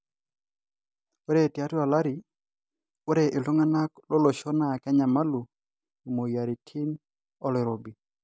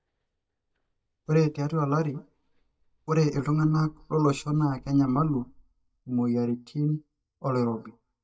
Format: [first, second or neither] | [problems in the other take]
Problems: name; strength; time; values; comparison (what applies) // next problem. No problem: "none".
first | noise reduction (neural mask model DeepFilterNet 3)